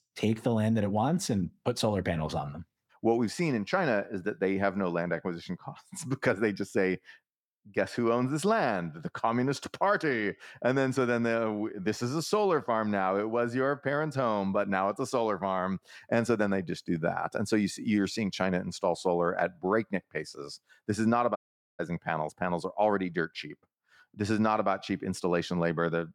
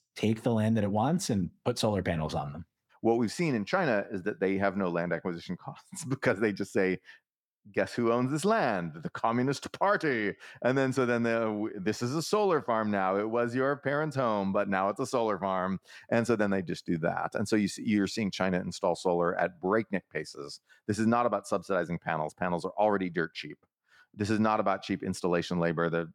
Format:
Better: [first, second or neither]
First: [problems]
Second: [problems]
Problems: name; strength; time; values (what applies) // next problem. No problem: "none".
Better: second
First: audio cutting out; at 21 s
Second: none